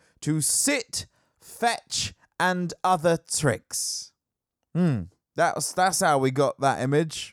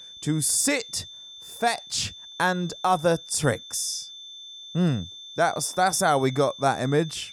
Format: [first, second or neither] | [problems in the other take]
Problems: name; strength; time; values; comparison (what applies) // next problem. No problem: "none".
first | high-pitched whine; noticeable; throughout; 3.5 kHz, 15 dB below the speech